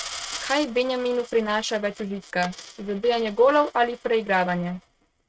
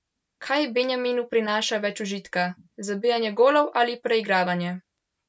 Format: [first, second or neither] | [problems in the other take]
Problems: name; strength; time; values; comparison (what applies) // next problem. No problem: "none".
second | noise reduction (neural mask model RNNoise)